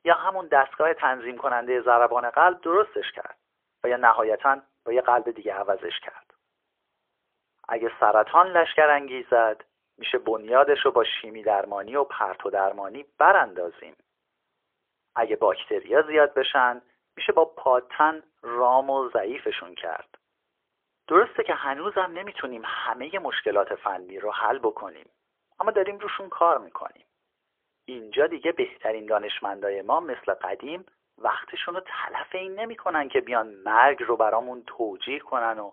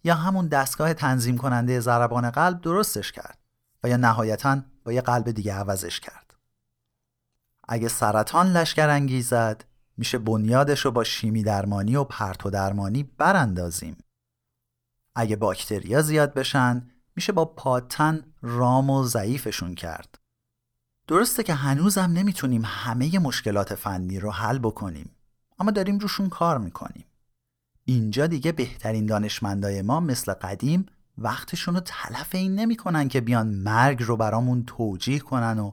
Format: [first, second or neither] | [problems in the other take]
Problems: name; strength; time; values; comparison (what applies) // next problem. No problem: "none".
second | phone-call audio; poor line; nothing above 3.5 kHz